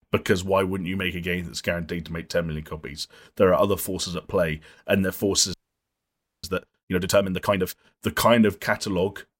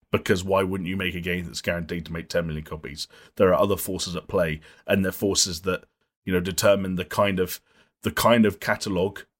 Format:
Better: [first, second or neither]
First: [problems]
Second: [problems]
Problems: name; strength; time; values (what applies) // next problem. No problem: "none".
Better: second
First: audio freezing; at 5.5 s for 1 s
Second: none